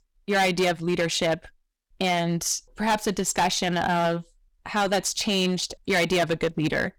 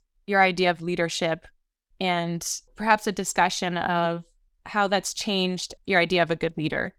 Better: second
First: distortion; heavy; 10% of the sound clipped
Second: none

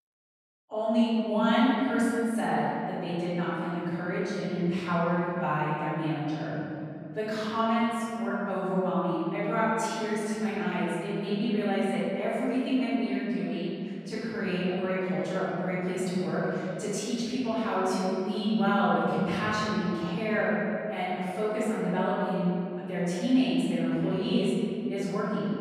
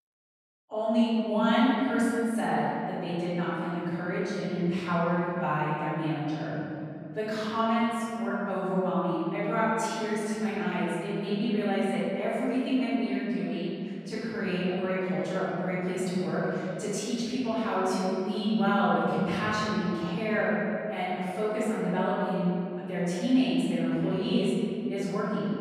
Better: neither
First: room echo; strong; dies away in 2.7 s // off-mic speech; far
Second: room echo; strong; dies away in 2.7 s // off-mic speech; far

